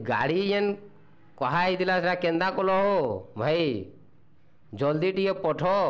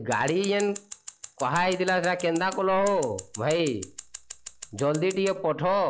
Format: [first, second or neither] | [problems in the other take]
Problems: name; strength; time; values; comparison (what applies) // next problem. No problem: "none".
first | noise reduction (classical method log-MMSE)